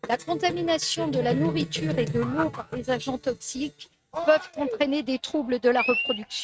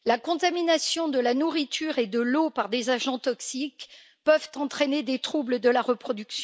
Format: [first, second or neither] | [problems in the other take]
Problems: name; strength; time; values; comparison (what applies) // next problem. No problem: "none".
second | noise reduction (neural mask model RNNoise)